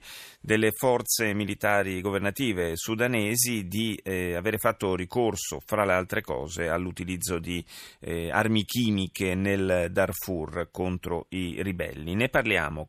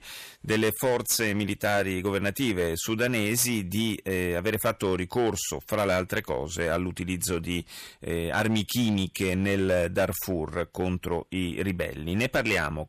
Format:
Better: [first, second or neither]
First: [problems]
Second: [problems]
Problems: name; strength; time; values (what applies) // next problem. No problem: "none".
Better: first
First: none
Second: distortion; slight; 6% of the sound clipped